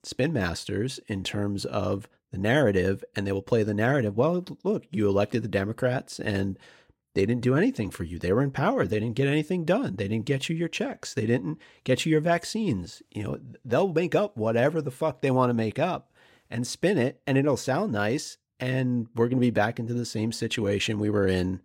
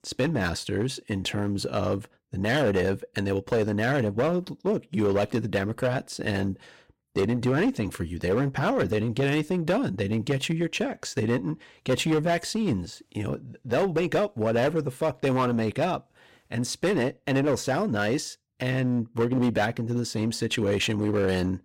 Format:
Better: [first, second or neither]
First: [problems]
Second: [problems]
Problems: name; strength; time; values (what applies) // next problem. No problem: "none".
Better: first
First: none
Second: distortion; slight; 9% of the sound clipped